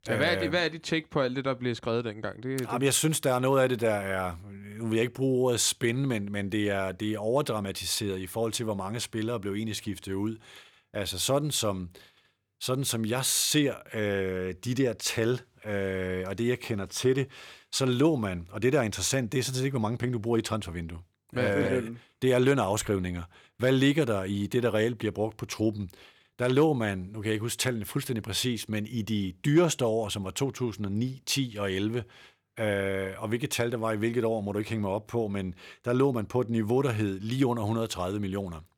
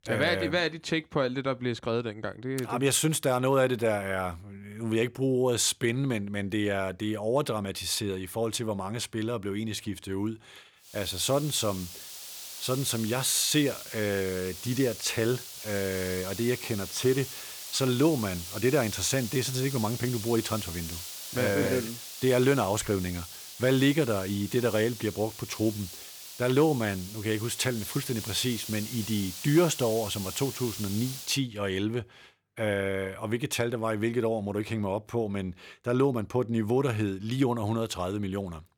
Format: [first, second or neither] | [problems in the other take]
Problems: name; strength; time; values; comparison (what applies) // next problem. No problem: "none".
first | hiss; loud; from 11 to 31 s; 10 dB below the speech